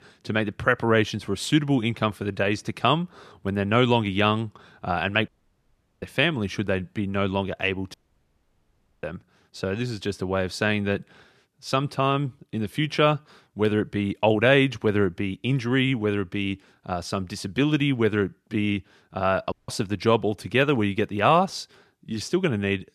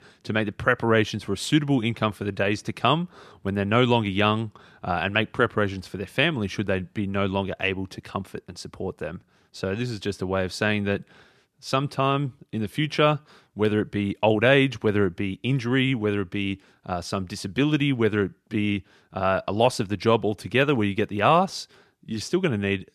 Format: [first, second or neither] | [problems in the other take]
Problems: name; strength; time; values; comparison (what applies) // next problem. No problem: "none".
second | audio cutting out; at 5.5 s for 0.5 s, at 8 s for 1 s and at 20 s